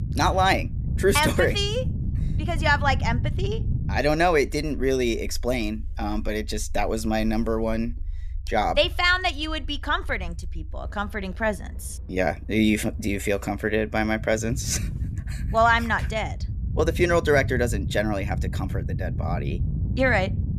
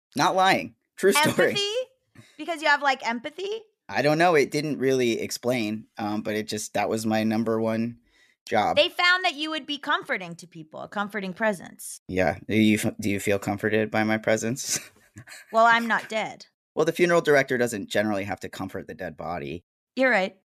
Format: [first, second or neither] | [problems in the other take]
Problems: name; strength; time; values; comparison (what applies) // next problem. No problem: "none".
second | low rumble; noticeable; throughout; 20 dB below the speech